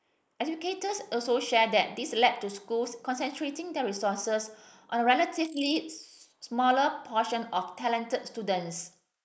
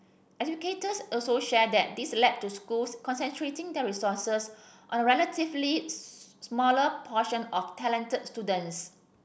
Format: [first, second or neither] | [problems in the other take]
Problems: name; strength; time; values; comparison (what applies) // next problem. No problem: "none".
second | noise reduction (neural mask model Resemble Enhance denoiser)